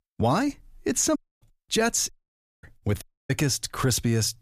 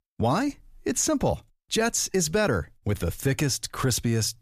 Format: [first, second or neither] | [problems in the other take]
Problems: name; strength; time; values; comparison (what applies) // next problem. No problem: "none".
second | audio cutting out; at 1 s, at 2 s for 0.5 s and at 3 s